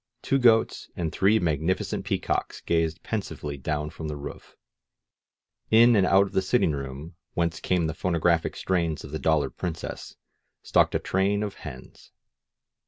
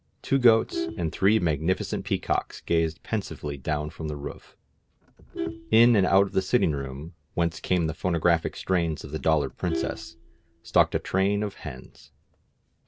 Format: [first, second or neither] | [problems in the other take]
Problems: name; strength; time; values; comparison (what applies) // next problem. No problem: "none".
first | background sound (Vehicle horn, car horn, honking); 15 dB below the speech